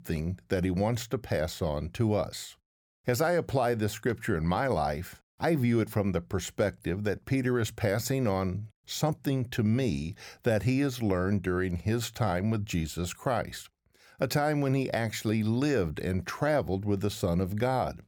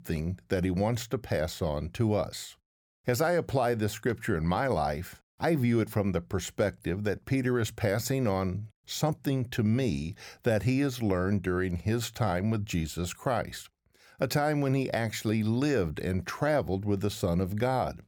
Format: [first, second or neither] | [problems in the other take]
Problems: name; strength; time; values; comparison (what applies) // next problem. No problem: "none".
neither | none